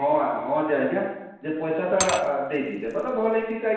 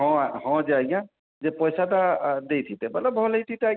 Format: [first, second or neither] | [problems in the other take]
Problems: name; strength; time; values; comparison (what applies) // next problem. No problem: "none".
second | background sound (Glass / Liquid); 12 dB below the speech // room echo; dies away in 0.9 s